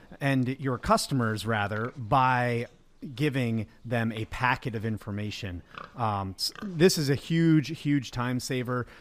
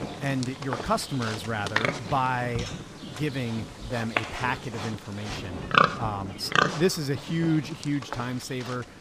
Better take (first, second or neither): first